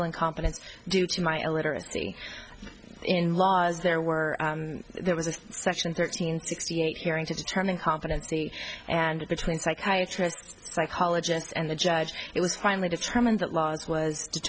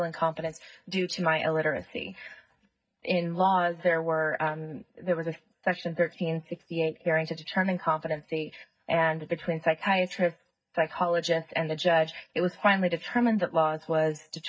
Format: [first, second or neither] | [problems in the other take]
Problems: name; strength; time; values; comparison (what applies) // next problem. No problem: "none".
first | noise reduction (neural mask model DeepFilterNet 3)